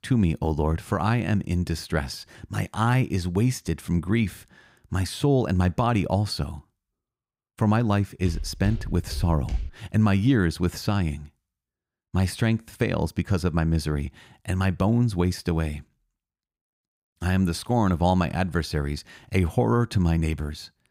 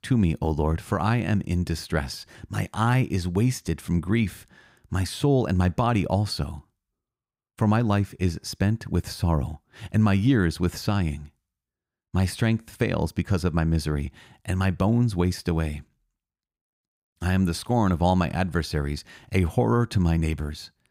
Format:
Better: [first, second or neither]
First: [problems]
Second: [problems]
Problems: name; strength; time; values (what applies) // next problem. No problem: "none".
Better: second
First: footsteps; noticeable; from 8.5 to 9.5 s; peak 8 dB below the speech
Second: none